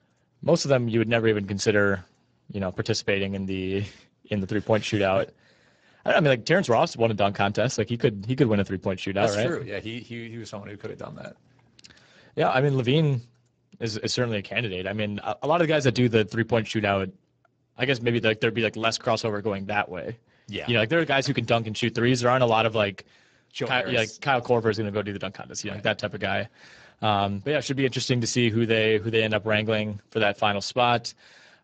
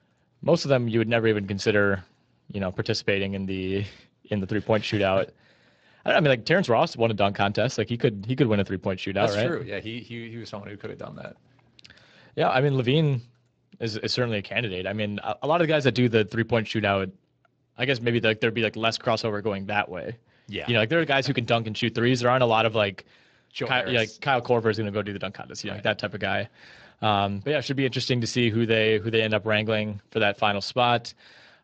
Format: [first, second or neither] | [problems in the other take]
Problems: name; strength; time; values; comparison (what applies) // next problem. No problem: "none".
second | garbled, watery; badly; nothing above 7.5 kHz; slightly in the second